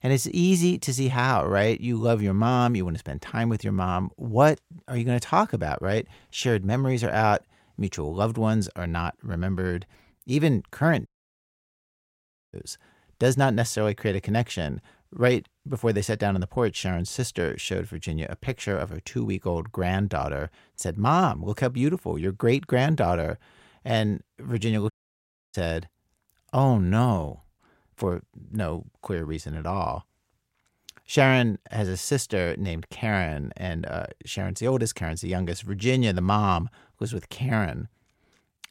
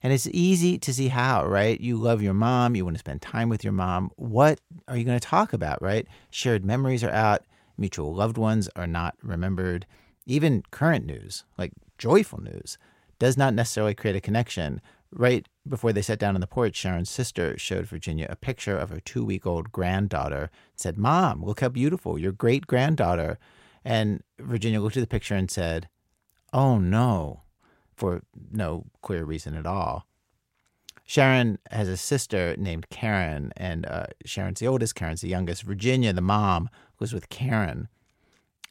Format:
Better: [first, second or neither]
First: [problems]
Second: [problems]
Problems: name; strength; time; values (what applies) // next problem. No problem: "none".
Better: second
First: audio cutting out; at 11 s for 1.5 s and at 25 s for 0.5 s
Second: none